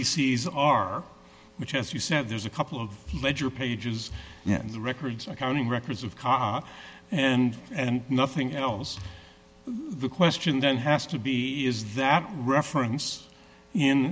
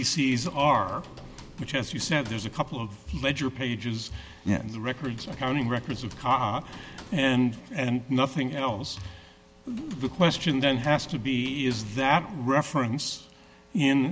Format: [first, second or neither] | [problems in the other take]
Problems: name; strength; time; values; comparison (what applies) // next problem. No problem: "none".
first | background sound (Computer keyboard); 20 dB below the speech